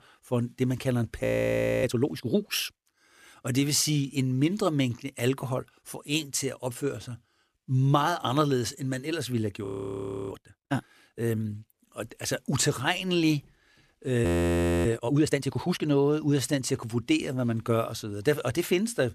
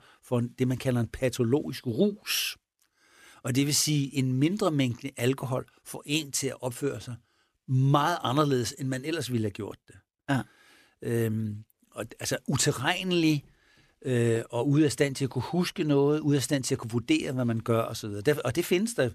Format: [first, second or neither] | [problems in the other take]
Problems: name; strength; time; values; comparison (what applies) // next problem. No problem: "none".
second | audio freezing; at 1 s for 0.5 s, at 9.5 s for 0.5 s and at 14 s for 0.5 s